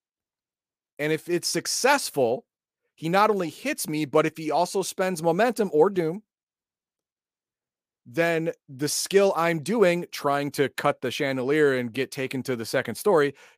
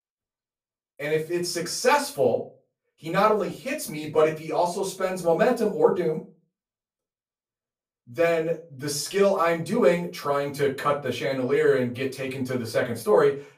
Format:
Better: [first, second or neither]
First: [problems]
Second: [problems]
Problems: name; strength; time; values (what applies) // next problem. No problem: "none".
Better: first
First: none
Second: off-mic speech; far // room echo; very slight; dies away in 0.3 s